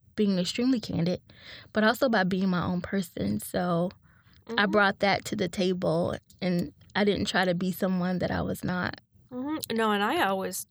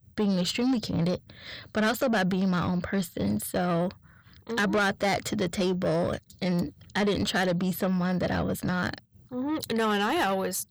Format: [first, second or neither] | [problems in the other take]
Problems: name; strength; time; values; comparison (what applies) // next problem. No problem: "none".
first | distortion; slight; 10 dB below the speech